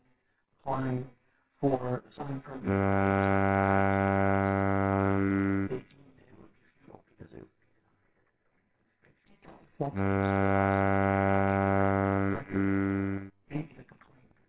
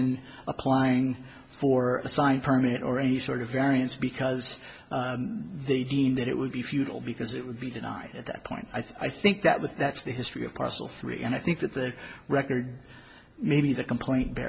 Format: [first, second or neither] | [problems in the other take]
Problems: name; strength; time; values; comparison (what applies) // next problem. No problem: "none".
second | noise reduction (neural separator model SepFormer WHAMR!)